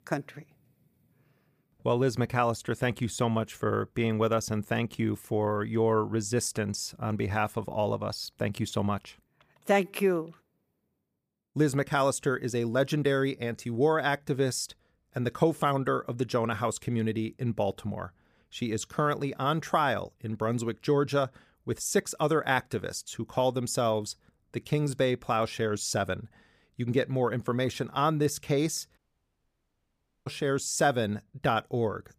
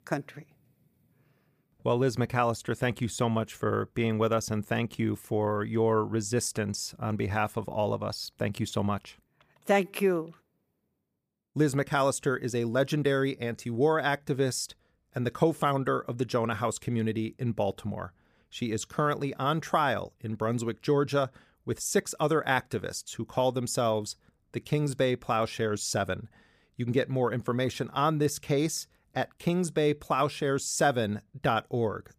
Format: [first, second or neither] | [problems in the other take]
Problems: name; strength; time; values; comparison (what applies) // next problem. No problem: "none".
second | audio cutting out; at 29 s for 1.5 s